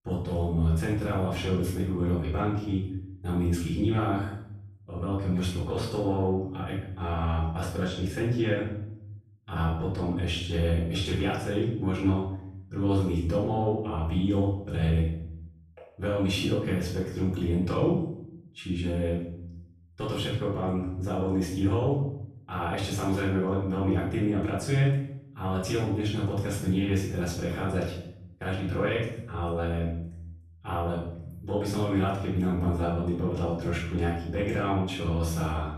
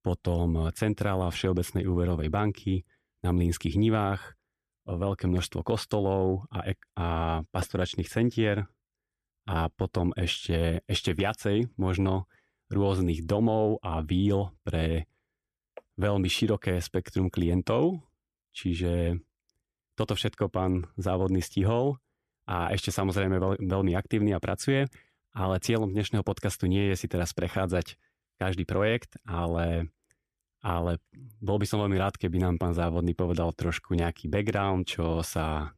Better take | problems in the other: second | room echo; noticeable; dies away in 0.7 s // off-mic speech; far

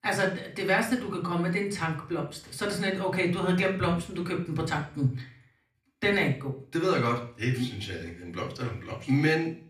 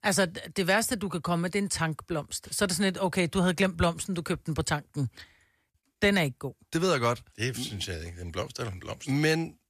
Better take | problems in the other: second | room echo; slight; dies away in 0.5 s // off-mic speech; somewhat distant

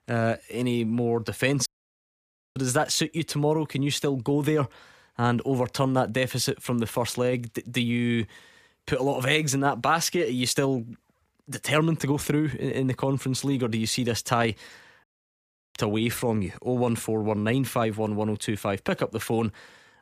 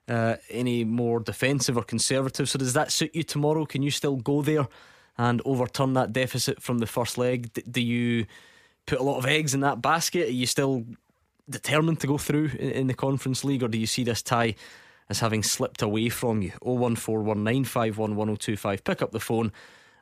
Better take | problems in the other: second | audio cutting out; at 1.5 s for 1 s and at 15 s for 0.5 s

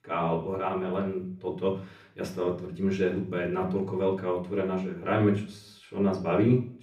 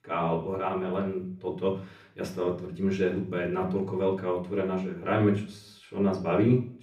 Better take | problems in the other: neither | room echo; slight; dies away in 0.5 s; the same in both // off-mic speech; far; the same in both

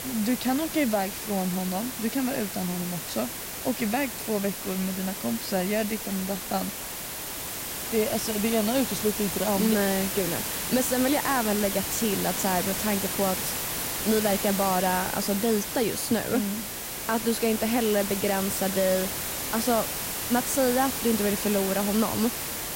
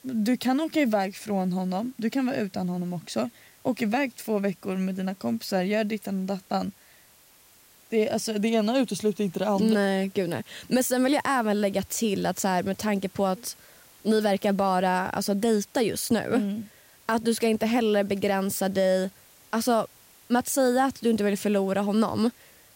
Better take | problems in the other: second | hiss; loud; throughout; 3 dB below the speech; faint in the second

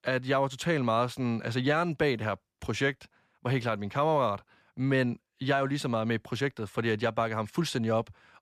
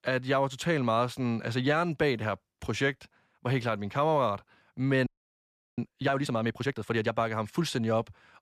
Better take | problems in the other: first | audio freezing; at 5 s for 0.5 s

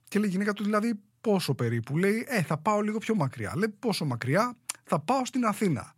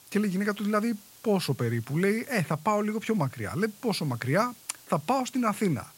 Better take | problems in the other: first | hiss; faint; throughout; 20 dB below the speech

